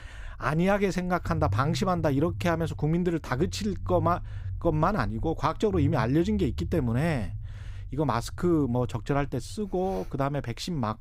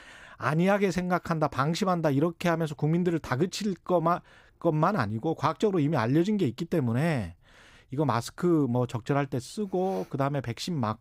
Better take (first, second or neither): second